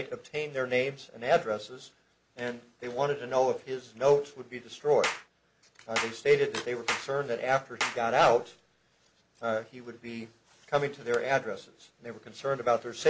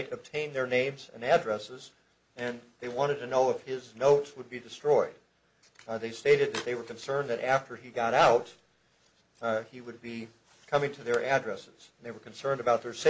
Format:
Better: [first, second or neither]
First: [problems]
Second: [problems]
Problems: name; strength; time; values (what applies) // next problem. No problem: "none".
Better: second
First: background sound (Clapping); 7 dB below the speech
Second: none